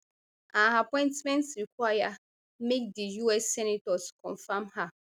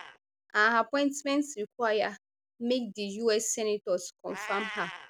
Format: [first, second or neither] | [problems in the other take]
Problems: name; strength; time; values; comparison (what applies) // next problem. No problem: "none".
first | background sound (Meow); 16 dB below the speech